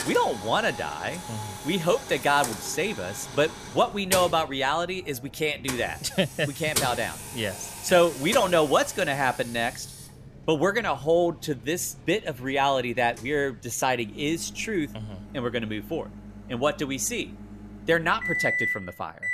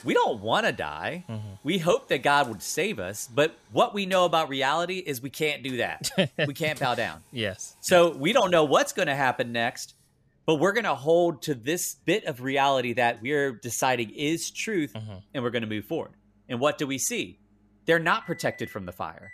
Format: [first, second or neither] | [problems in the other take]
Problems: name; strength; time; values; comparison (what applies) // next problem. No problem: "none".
second | household noises; loud; throughout; 8 dB below the speech; faint in the second